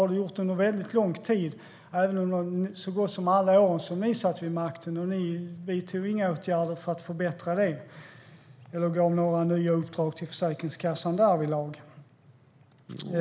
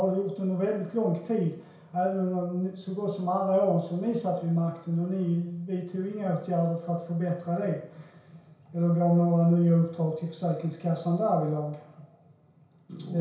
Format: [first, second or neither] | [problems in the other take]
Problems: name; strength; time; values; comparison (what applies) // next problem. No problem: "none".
first | room echo; dies away in 0.6 s